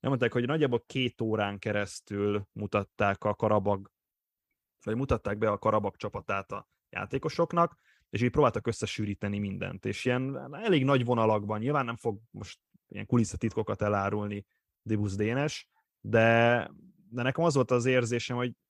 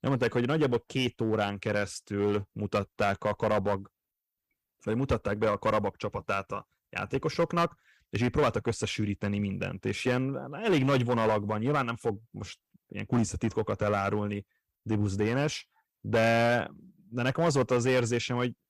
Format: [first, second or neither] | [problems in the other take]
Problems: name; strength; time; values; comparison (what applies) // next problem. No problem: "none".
first | distortion; slight; 5% of the sound clipped